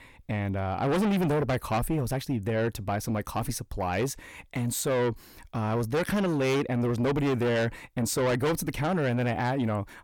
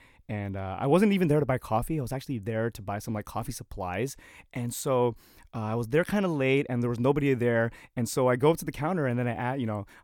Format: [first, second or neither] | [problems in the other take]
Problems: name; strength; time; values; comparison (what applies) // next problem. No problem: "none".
second | distortion; heavy; 6 dB below the speech